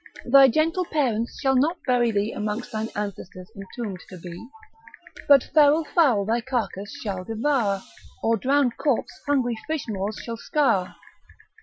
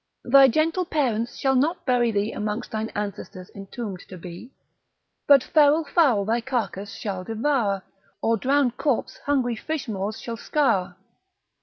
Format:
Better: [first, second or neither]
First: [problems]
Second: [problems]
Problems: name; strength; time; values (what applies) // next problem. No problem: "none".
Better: second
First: noise reduction (classical method Wiener filter)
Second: none